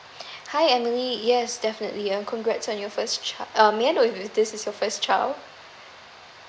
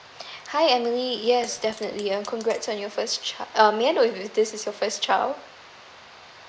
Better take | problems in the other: first | noise reduction (neural mask model Resemble Enhance denoiser)

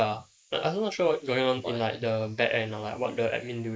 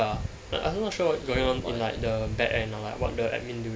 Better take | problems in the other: second | noise reduction (neural mask model Resemble Enhance denoiser)

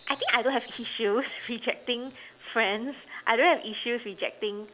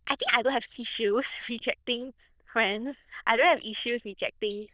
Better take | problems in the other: first | noise reduction (neural diffusion model UNIVERSE++)

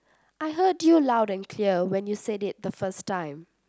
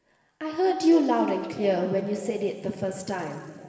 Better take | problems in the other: first | room echo; dies away in 2.5 s

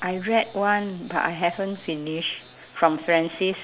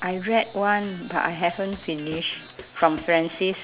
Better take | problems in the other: first | background sound (Walk, footsteps + Electric guitar); 19 dB below the speech

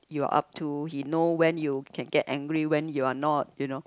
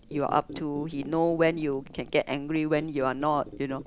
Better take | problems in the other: first | background sound (Squeak); 16 dB below the speech

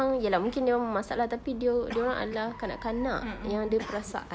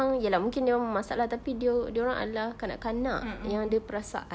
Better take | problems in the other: second | background sound (Cough + Car); 17 dB below the speech

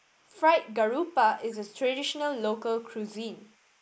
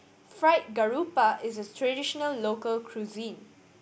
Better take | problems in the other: second | noise reduction (neural mask model Resemble Enhance denoiser)

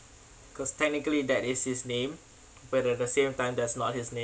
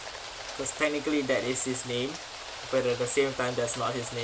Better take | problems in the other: first | background sound (Rain); 10 dB below the speech

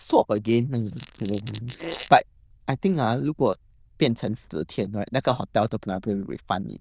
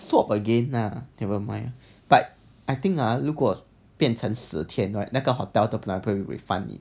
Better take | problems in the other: second | noise reduction (neural diffusion model UNIVERSE++)

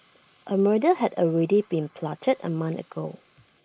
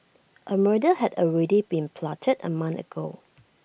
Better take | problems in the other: second | noise reduction (neural mask model Resemble Enhance denoiser)

